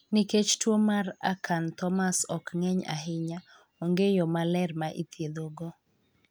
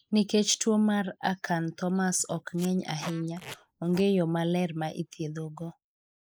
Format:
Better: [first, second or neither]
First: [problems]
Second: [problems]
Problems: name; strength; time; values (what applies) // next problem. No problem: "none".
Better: first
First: none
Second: noise reduction (neural mask model Resemble Enhance denoiser)